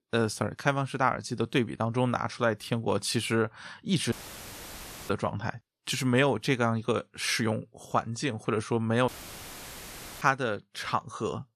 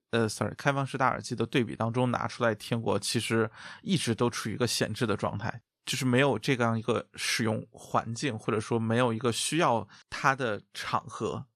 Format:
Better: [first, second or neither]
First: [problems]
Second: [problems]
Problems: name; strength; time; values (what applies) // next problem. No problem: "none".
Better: second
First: audio cutting out; filled with static; at 4 s for 1 s and at 9 s for 1 s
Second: none